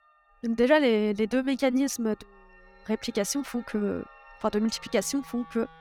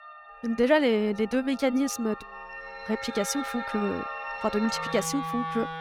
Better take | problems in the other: first | background music; loud; throughout; 8 dB below the speech; faint in the first

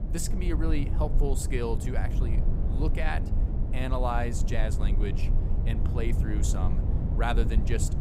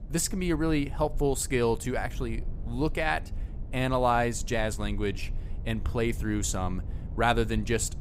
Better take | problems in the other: second | low rumble; loud; throughout; 8 dB below the speech; faint in the second

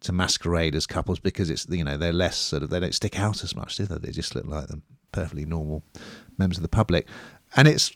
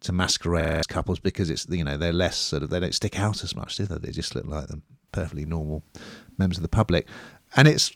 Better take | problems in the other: first | audio freezing; at 0.5 s

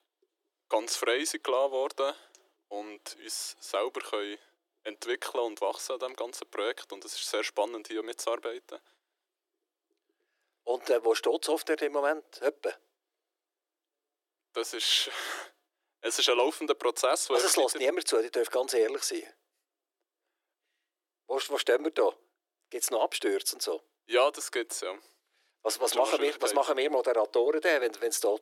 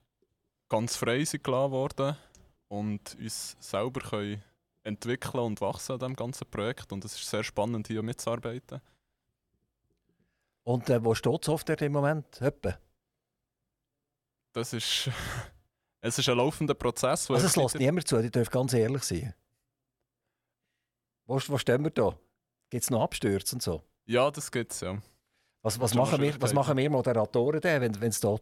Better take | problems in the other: second | thin; very; fading below 300 Hz

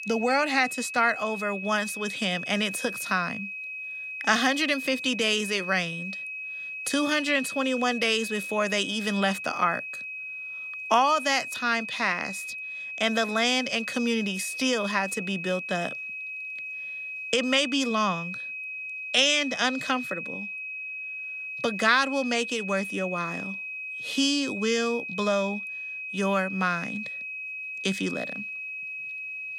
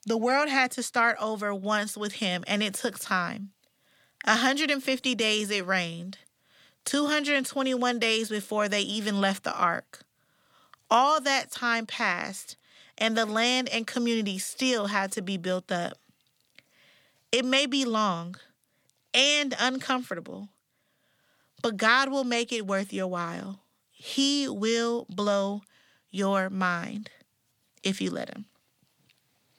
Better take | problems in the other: second | high-pitched whine; loud; throughout; 2.5 kHz, 7 dB below the speech

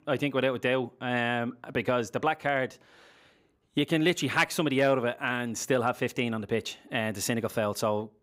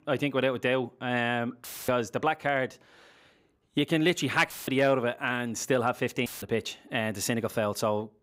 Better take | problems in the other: first | audio cutting out; filled with static; at 1.5 s, at 4.5 s and at 6.5 s

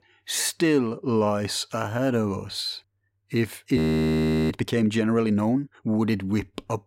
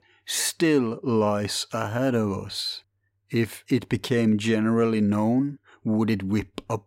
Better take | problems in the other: second | audio freezing; at 4 s for 0.5 s

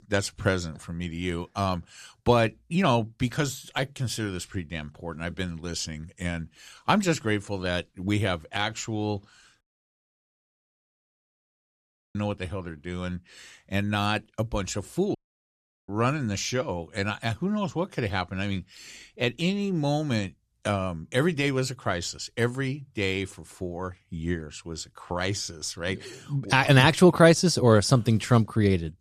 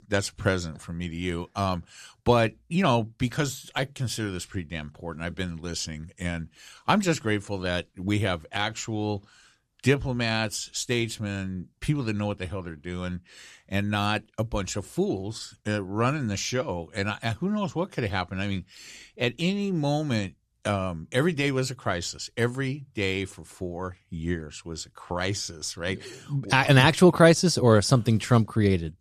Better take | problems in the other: second | audio cutting out; at 9.5 s for 2.5 s and at 15 s for 0.5 s

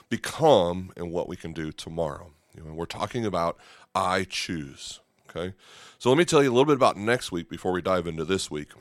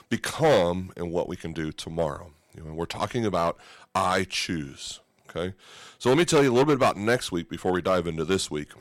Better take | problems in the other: first | distortion; slight; 4% of the sound clipped

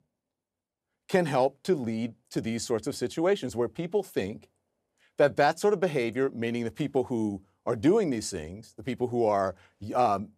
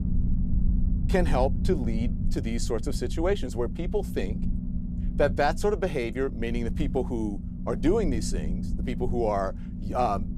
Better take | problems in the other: first | low rumble; noticeable; throughout; 15 dB below the speech

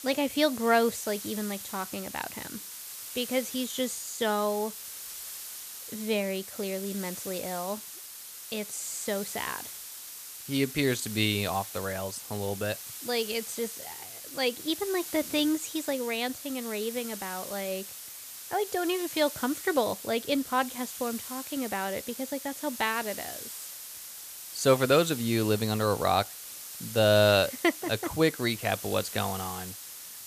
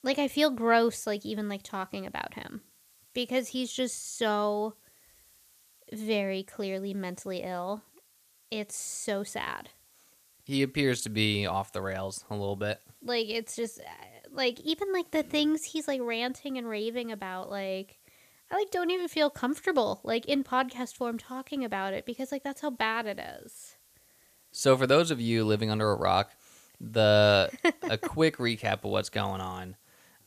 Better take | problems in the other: second | hiss; loud; throughout; 9 dB below the speech; faint in the second

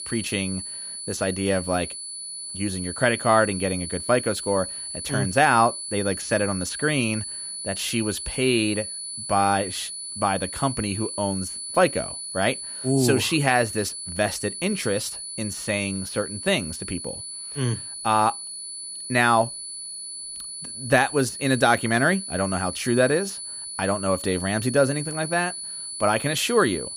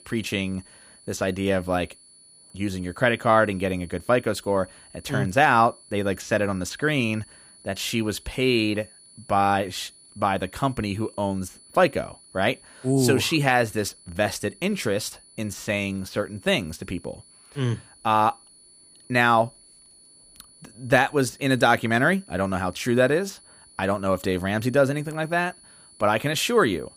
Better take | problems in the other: second | high-pitched whine; loud; throughout; 10 kHz, 7 dB below the speech; faint in the second

